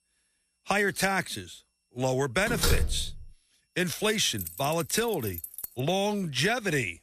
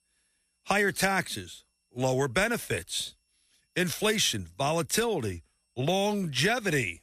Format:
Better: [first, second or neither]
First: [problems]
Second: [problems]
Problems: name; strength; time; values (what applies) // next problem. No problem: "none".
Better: second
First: door banging; loud; at 2.5 s; peak 1 dB above the speech // jangling keys; noticeable; from 4.5 to 6 s; peak 9 dB below the speech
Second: none